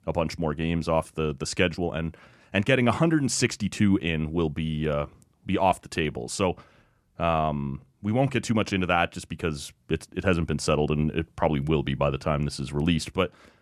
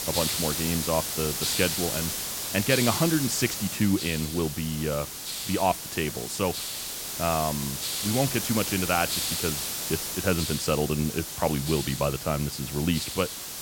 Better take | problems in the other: first | hiss; loud; throughout; 2 dB below the speech

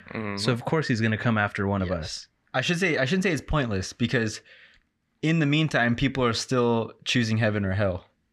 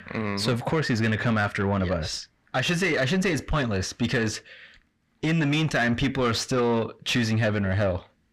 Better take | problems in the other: first | distortion; slight; 10 dB below the speech

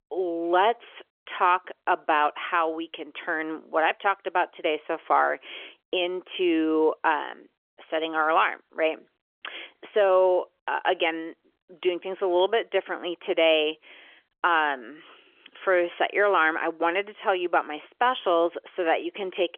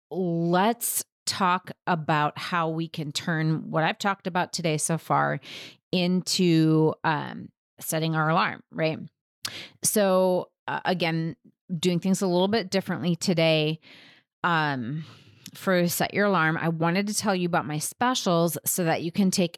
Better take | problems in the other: second | phone-call audio; nothing above 3.5 kHz

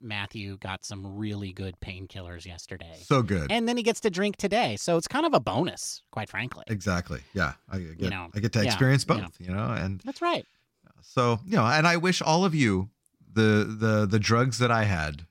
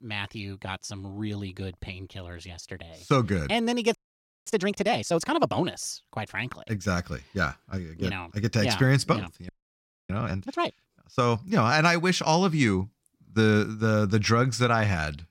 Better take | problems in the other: first | audio freezing; at 4 s for 0.5 s and at 9.5 s for 0.5 s

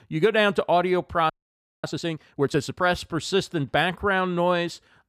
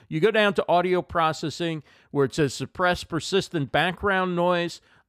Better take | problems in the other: second | audio freezing; at 1.5 s for 0.5 s

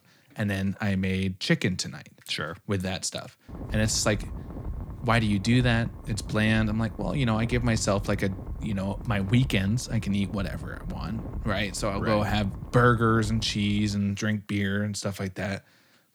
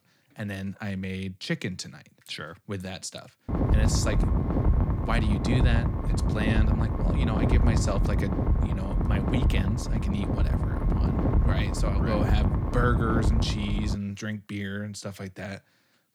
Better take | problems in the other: first | wind noise on the microphone; heavy; from 3.5 to 14 s; 1 dB below the speech; occasional gusts in the first

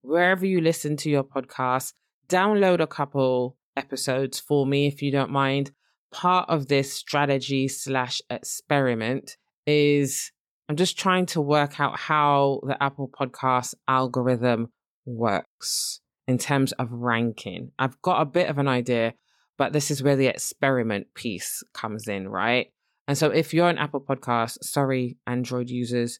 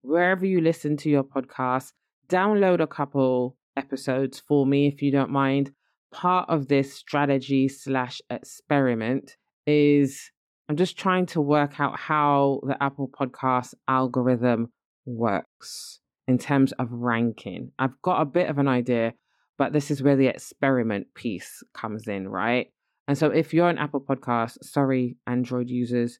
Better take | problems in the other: first | muffled; slightly; fading above 3.5 kHz

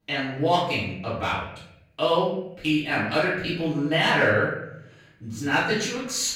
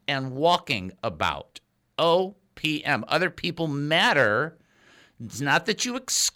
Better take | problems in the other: second | off-mic speech; far // room echo; noticeable; dies away in 0.8 s

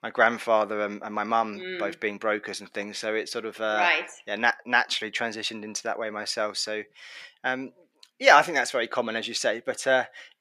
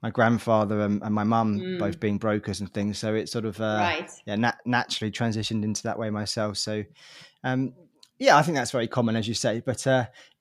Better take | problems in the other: second | thin; somewhat; fading below 450 Hz

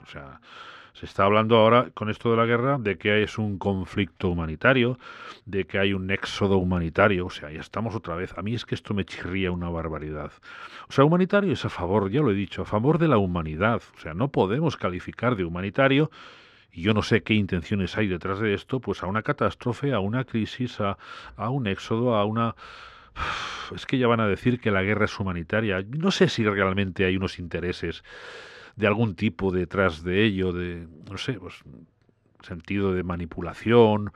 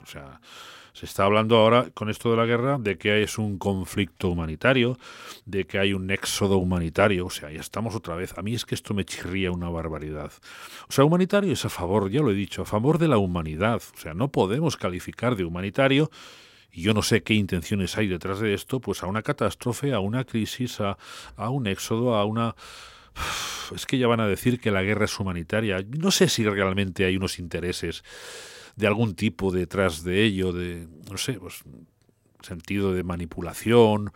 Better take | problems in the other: second | muffled; slightly; fading above 3.5 kHz

